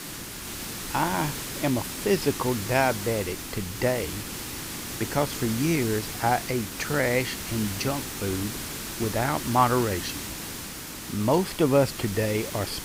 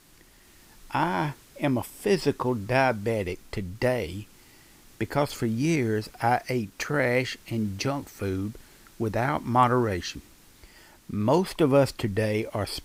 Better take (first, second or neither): second